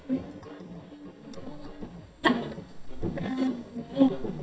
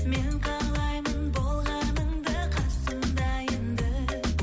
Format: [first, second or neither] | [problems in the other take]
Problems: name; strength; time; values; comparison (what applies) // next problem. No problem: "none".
second | noise reduction (neural mask model DeepFilterNet 3)